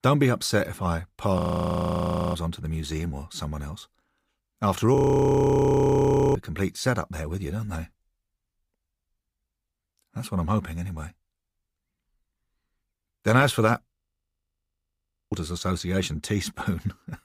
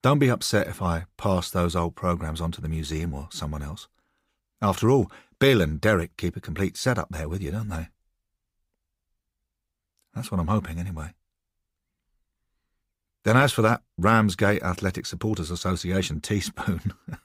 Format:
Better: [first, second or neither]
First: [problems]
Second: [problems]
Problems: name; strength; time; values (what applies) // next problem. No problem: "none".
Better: second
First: audio freezing; at 1.5 s for 1 s, at 5 s for 1.5 s and at 14 s for 1.5 s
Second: none